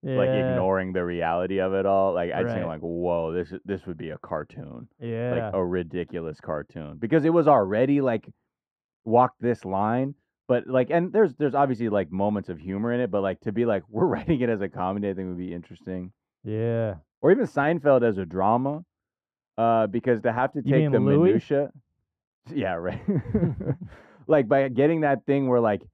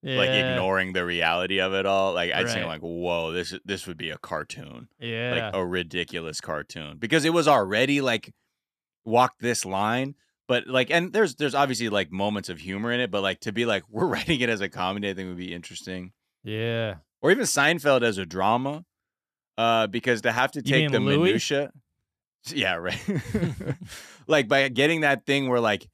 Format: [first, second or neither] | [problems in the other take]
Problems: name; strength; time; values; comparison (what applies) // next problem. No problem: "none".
second | muffled; very; fading above 2.5 kHz